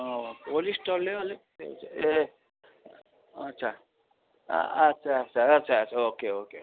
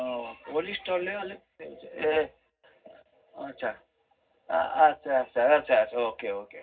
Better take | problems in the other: first | room echo; dies away in 0.4 s

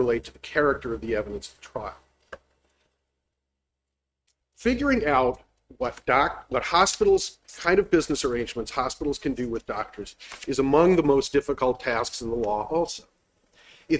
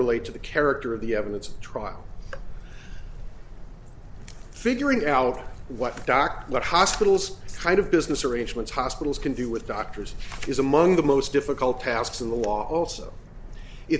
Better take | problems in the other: second | noise reduction (neural mask model RNNoise)

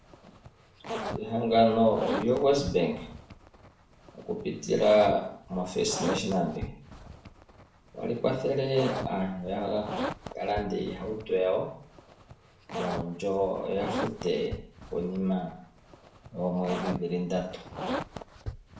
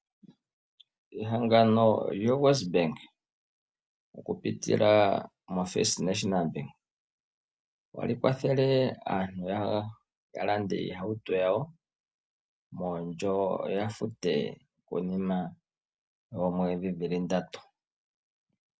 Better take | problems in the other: second | background sound (Zipper (clothing)); 9 dB below the speech // room echo; dies away in 0.5 s

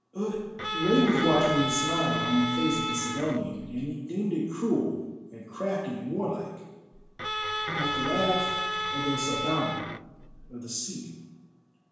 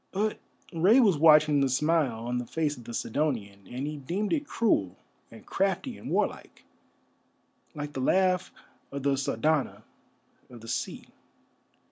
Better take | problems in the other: second | background sound (Bowed string instrument); 2 dB below the speech // room echo; dies away in 1 s

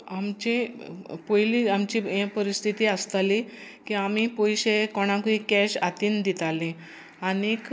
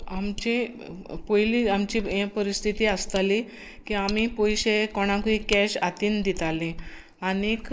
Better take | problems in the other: first | noise reduction (neural mask model Resemble Enhance denoiser)

